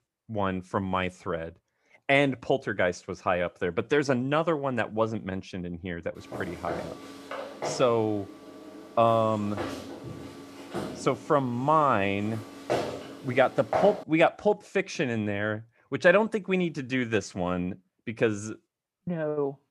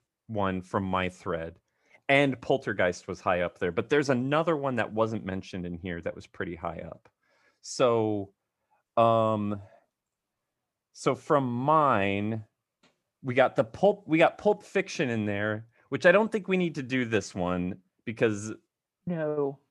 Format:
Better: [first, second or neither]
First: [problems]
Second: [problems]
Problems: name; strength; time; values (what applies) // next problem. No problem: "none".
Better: second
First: footsteps; noticeable; from 6.5 to 14 s; peak 2 dB below the speech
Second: none